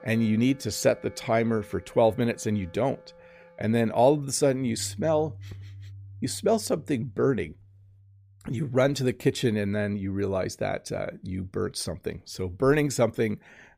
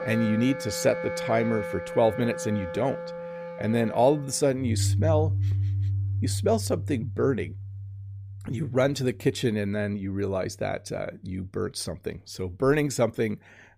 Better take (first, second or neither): first